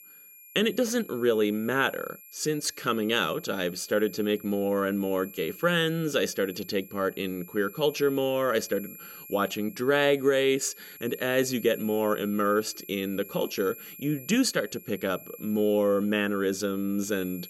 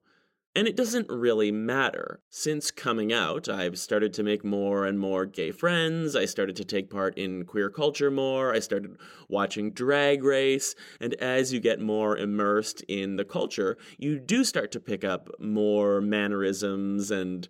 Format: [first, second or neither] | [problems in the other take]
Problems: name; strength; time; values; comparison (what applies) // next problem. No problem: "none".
second | high-pitched whine; noticeable; throughout; 11.5 kHz, 15 dB below the speech